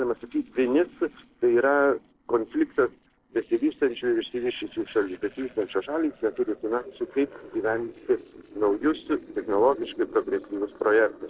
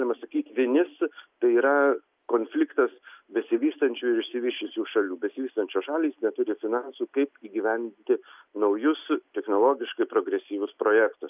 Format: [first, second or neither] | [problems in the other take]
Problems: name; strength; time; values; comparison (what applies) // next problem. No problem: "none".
second | noise reduction (neural separator model SepFormer DNS4)